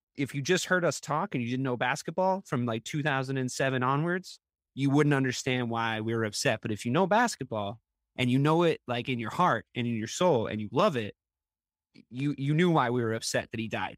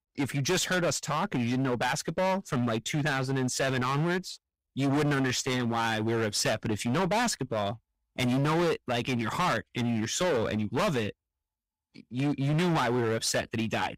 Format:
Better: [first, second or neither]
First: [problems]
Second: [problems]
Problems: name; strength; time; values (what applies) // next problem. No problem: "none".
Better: first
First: none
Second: distortion; heavy; 20% of the sound clipped